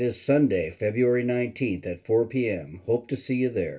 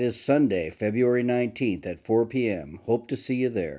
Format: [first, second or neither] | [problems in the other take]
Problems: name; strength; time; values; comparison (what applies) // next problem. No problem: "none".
second | room echo; dies away in 0.2 s